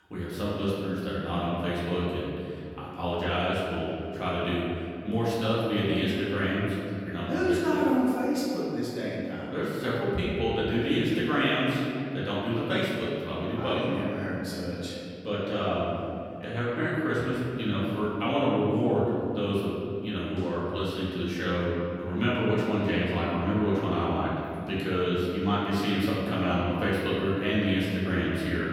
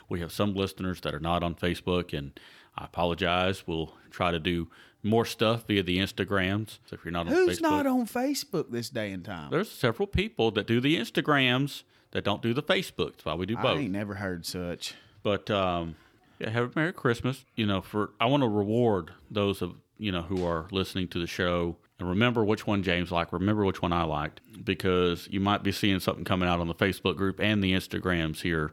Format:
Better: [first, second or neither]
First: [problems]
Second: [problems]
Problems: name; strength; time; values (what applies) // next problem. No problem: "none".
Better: second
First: room echo; strong; dies away in 2.6 s // off-mic speech; far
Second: none